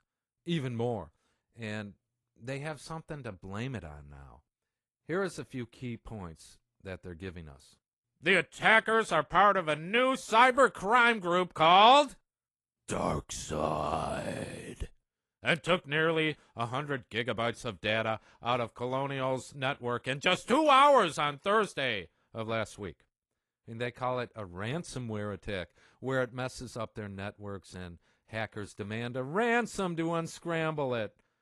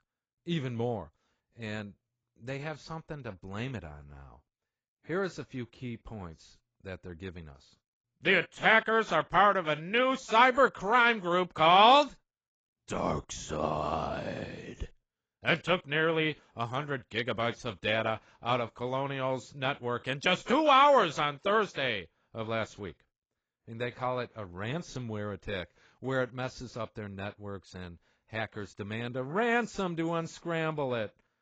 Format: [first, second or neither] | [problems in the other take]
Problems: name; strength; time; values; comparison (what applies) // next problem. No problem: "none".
first | garbled, watery; badly; nothing above 7.5 kHz; slightly in the first